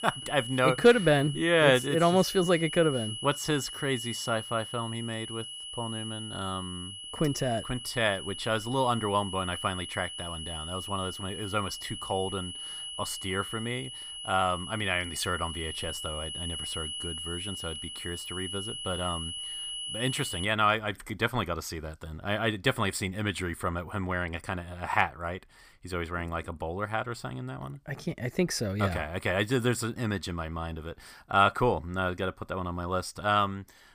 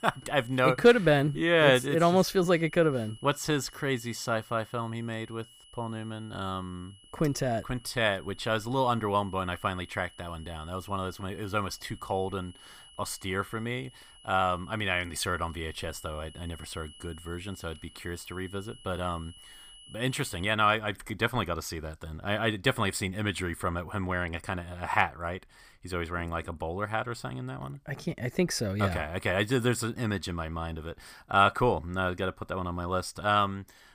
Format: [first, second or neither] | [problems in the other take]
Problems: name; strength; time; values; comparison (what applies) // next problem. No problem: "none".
second | high-pitched whine; loud; until 20 s; 3 kHz, 7 dB below the speech; faint in the second